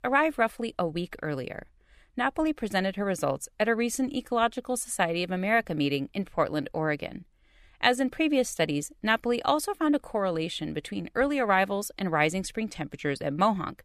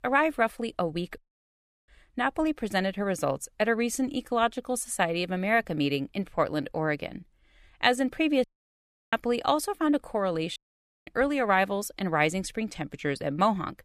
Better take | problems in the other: first | audio cutting out; at 1 s for 0.5 s, at 8.5 s for 0.5 s and at 11 s for 0.5 s

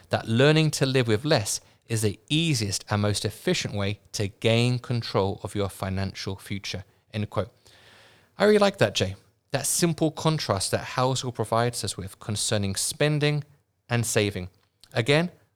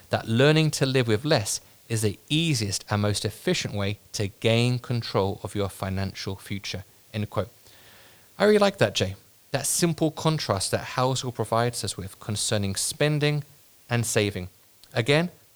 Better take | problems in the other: first | hiss; faint; throughout; 30 dB below the speech

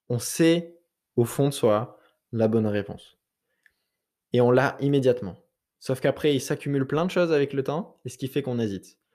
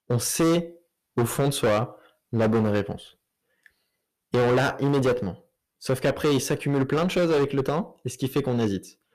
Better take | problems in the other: first | distortion; heavy; 14% of the sound clipped

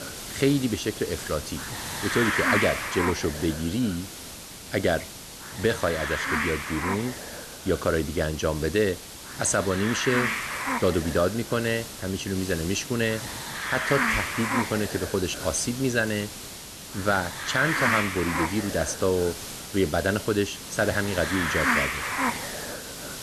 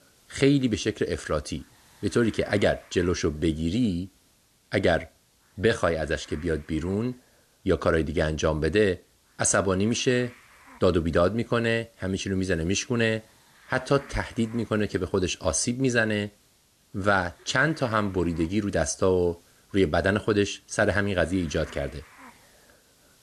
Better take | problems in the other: second | hiss; loud; throughout; 3 dB below the speech; faint in the second

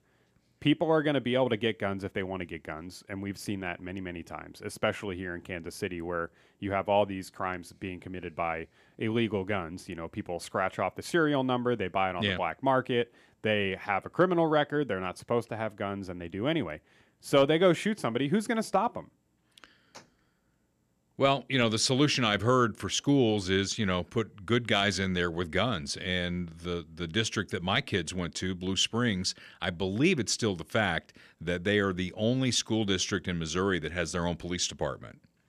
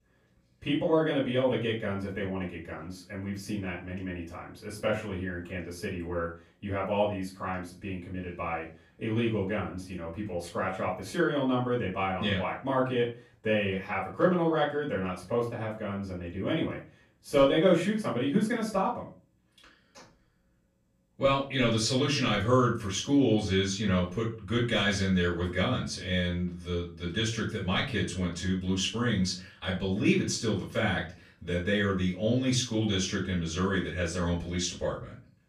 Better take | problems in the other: first | off-mic speech; far // room echo; slight; dies away in 0.3 s

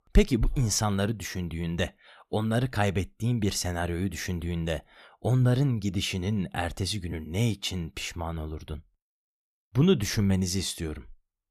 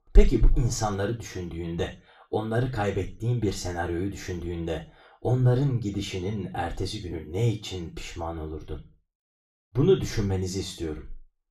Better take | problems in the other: first | room echo; slight; dies away in 0.3 s // off-mic speech; far

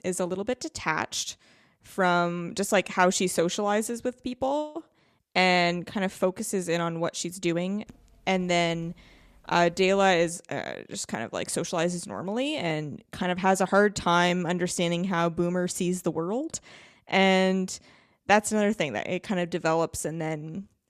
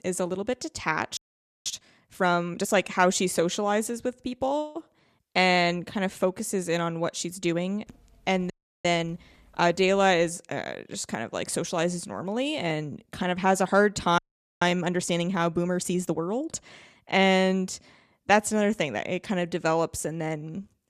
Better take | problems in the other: first | audio freezing; at 1 s, at 8.5 s and at 14 s

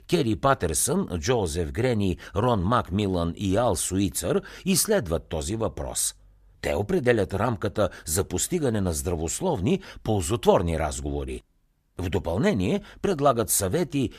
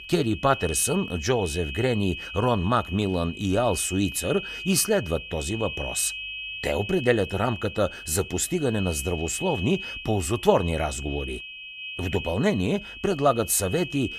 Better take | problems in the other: first | high-pitched whine; loud; throughout; 2.5 kHz, 9 dB below the speech

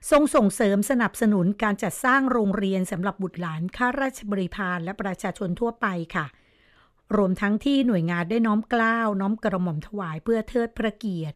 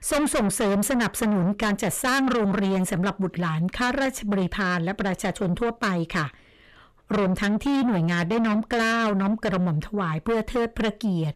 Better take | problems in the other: first | distortion; heavy; 6 dB below the speech

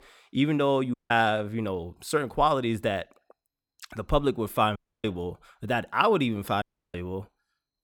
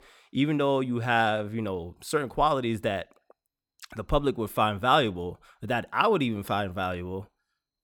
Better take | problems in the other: second | audio cutting out; at 1 s, at 5 s and at 6.5 s

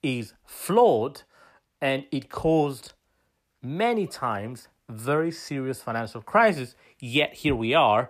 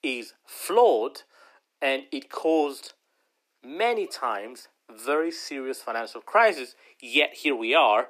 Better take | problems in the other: first | thin; somewhat; fading below 300 Hz

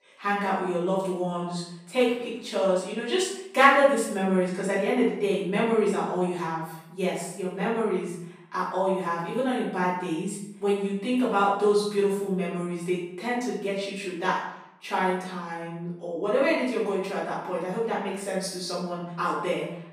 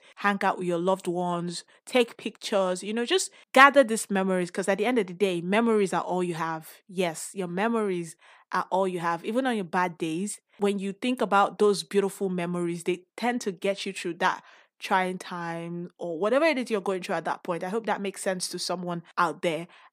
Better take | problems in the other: second | off-mic speech; far // room echo; noticeable; dies away in 0.7 s

